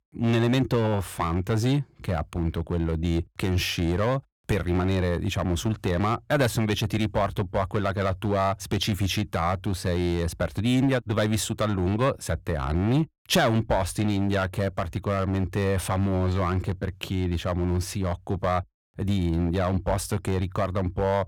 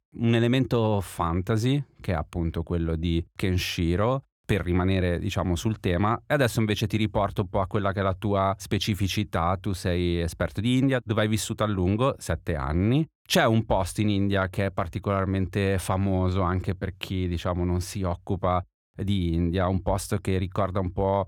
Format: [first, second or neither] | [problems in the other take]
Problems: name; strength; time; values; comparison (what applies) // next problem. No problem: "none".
second | distortion; slight; 6% of the sound clipped